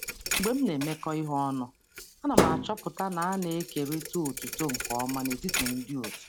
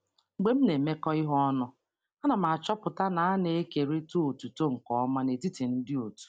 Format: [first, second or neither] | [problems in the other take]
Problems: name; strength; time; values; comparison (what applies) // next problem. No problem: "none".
second | background sound (Thump, thud); 2 dB below the speech